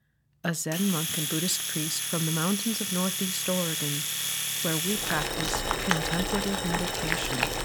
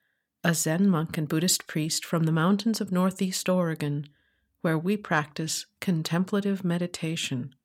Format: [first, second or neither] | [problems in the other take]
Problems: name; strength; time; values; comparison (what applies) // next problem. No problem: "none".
second | household noises; very loud; throughout; 3 dB above the speech